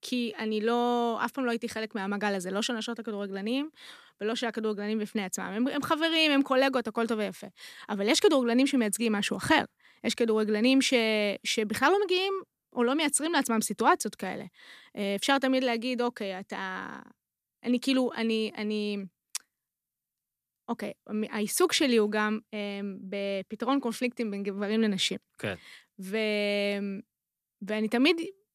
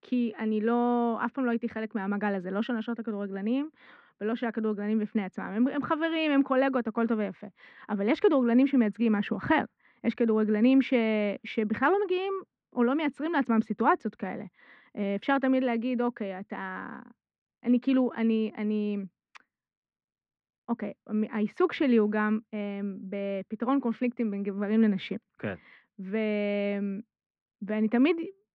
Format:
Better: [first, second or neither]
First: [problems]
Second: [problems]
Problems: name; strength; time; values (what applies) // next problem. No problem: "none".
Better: first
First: none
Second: muffled; very; fading above 2 kHz